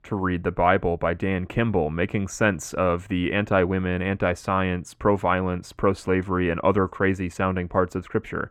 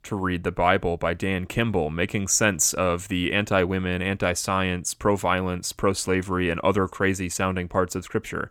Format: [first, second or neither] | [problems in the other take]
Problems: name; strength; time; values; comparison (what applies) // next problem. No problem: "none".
second | muffled; very; fading above 3.5 kHz